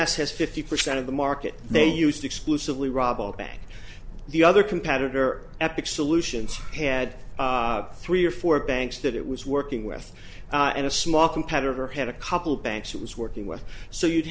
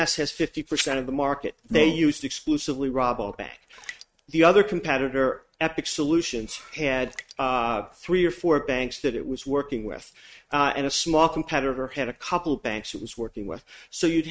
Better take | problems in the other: first | noise reduction (neural mask model RNNoise)

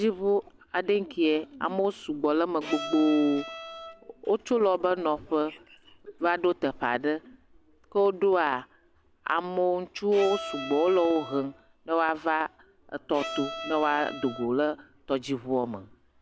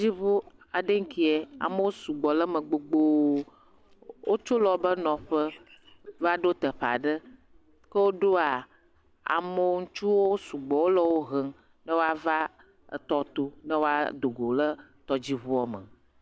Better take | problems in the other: second | background sound (Bowed string instrument); 11 dB below the speech

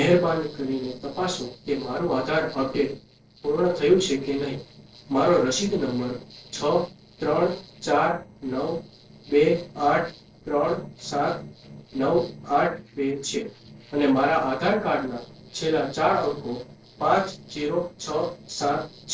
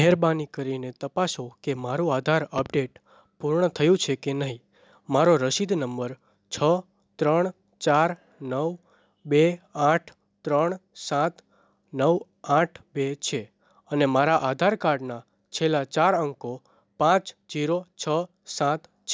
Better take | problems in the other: second | noise reduction (neural separator model SepFormer DNS4)

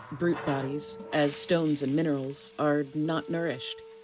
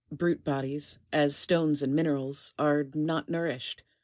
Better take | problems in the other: second | background sound (Wind instrument, woodwind instrument + Water tap, faucet); 14 dB below the speech

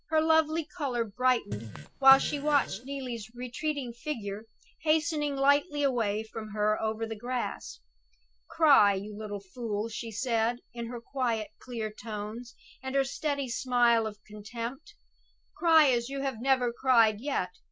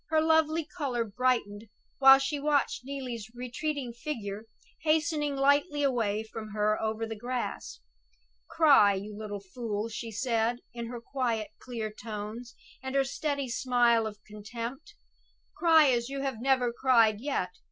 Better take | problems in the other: second | background sound (Fart); 12 dB below the speech

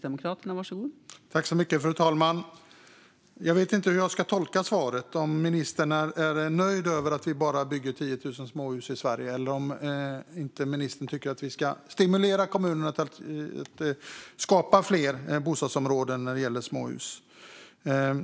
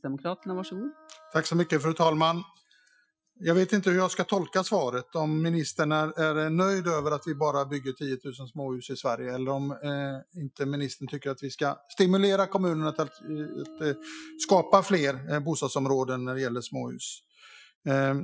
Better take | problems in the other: first | noise reduction (classical method Wiener filter)

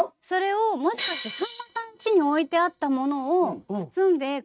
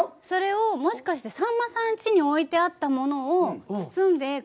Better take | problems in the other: second | noise reduction (neural mask model RNNoise)

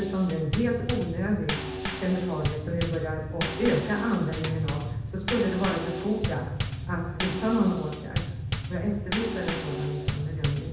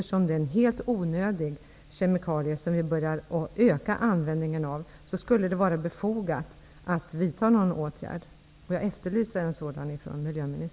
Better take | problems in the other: second | background sound (Bass drum / Snare drum / Drum kit); 4 dB below the speech // room echo; dies away in 0.9 s

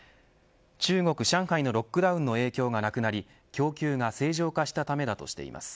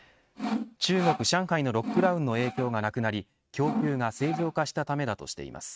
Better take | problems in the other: first | noise reduction (neural mask model RNNoise)

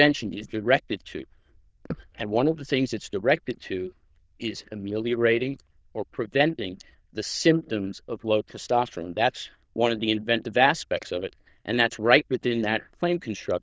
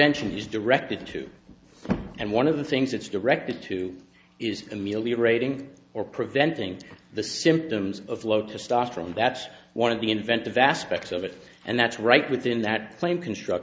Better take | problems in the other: second | noise reduction (neural diffusion model UNIVERSE++)

